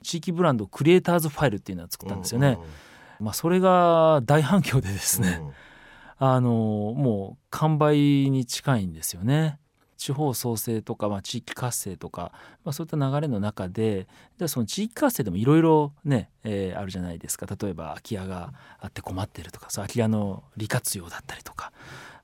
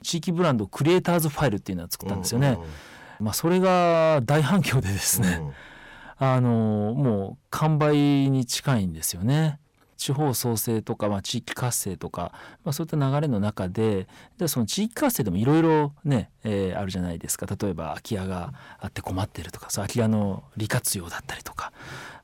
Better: first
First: none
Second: distortion; slight; 10 dB below the speech

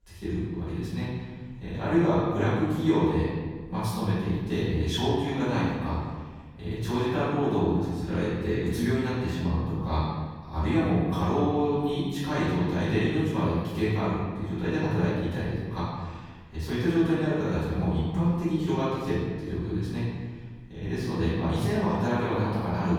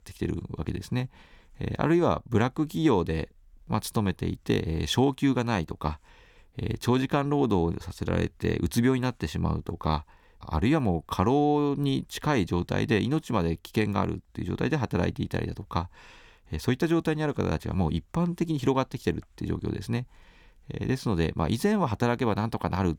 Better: second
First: room echo; strong; dies away in 1.4 s // off-mic speech; far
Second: none

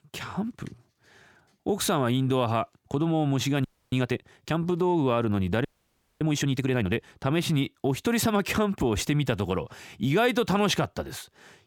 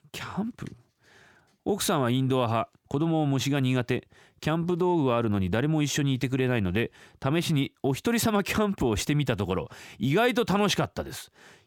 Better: second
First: audio freezing; at 3.5 s and at 5.5 s for 0.5 s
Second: none

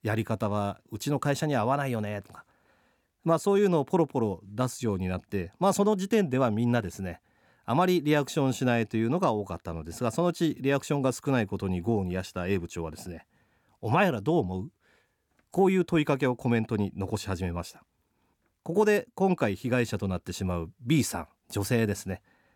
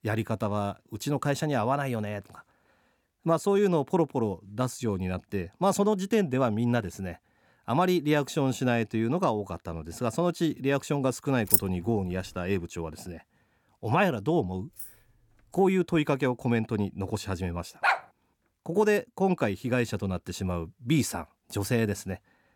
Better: first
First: none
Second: jangling keys; loud; at 12 s; peak 6 dB above the speech // jangling keys; faint; at 15 s; peak 15 dB below the speech // dog barking; loud; at 18 s; peak 2 dB above the speech

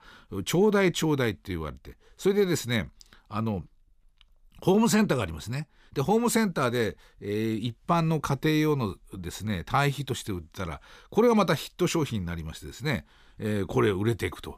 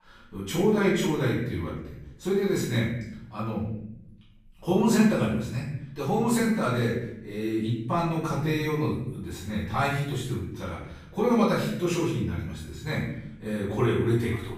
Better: first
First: none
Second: off-mic speech; far // room echo; noticeable; dies away in 0.8 s

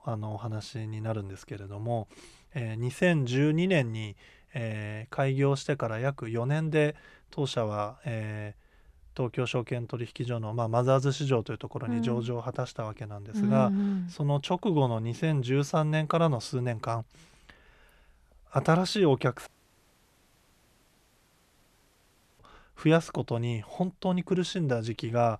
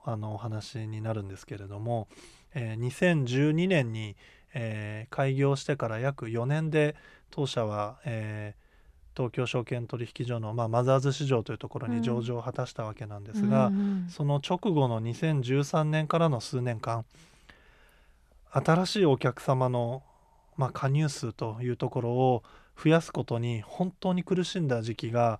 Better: second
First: audio cutting out; at 19 s for 3 s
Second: none

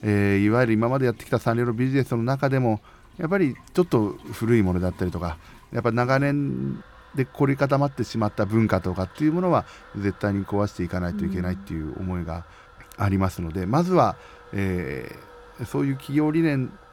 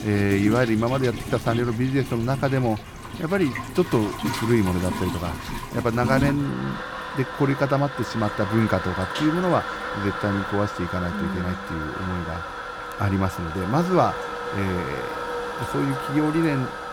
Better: first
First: household noises; faint; throughout; 25 dB below the speech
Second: household noises; loud; throughout; 6 dB below the speech

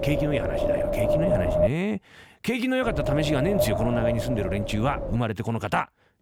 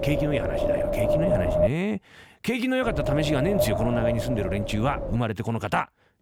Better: neither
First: wind noise on the microphone; heavy; until 1.5 s and from 3 to 5 s; 3 dB above the speech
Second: wind noise on the microphone; heavy; until 1.5 s and from 3 to 5 s; 3 dB above the speech

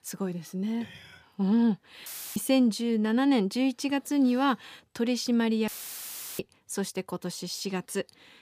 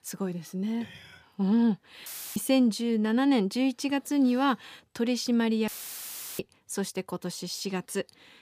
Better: neither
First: audio cutting out; filled with static; at 2 s and at 5.5 s for 0.5 s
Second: audio cutting out; filled with static; at 2 s and at 5.5 s for 0.5 s

